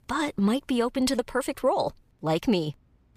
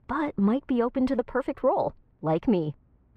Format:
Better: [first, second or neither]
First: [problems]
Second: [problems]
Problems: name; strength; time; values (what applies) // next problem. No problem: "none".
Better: first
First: none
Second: muffled; very; fading above 3.5 kHz